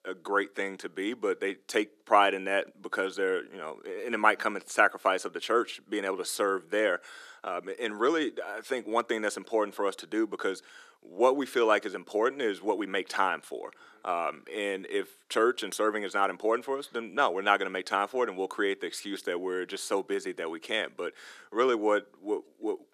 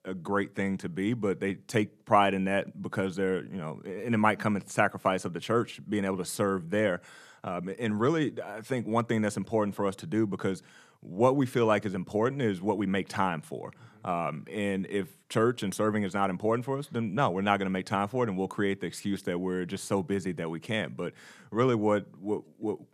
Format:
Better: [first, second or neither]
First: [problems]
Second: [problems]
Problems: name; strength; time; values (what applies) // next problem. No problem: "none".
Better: second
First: thin; somewhat; fading below 350 Hz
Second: none